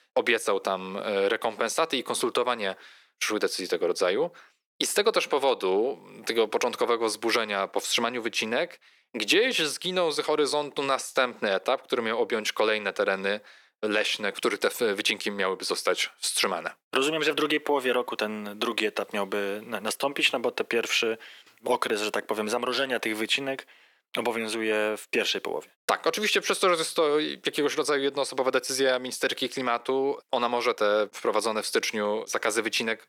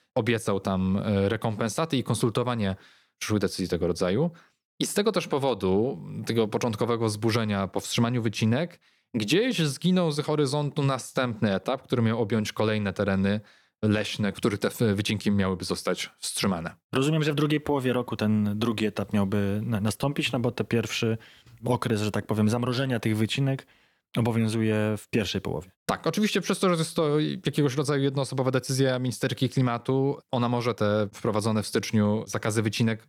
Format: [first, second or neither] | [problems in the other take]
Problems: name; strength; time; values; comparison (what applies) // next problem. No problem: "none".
second | thin; very; fading below 350 Hz